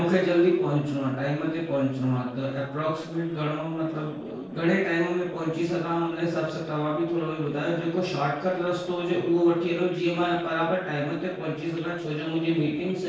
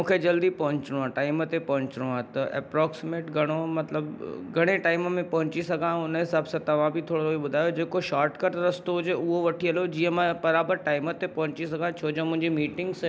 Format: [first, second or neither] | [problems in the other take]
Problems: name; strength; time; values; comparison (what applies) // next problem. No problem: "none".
second | noise reduction (neural separator model SepFormer DNS4)